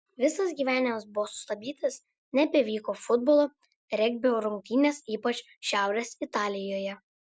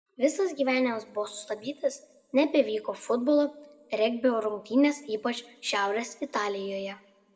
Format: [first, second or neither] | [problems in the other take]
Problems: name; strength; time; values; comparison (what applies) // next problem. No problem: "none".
first | room echo; dies away in 0.9 s